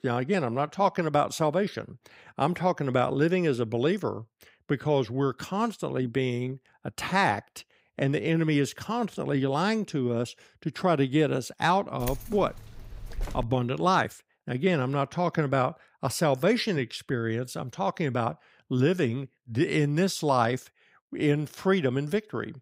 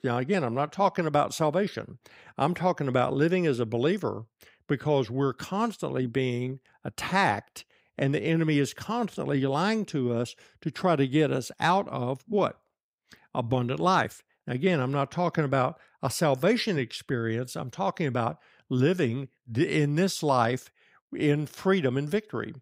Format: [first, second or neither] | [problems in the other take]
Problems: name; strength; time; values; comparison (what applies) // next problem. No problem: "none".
second | jangling keys; faint; from 12 to 13 s; peak 10 dB below the speech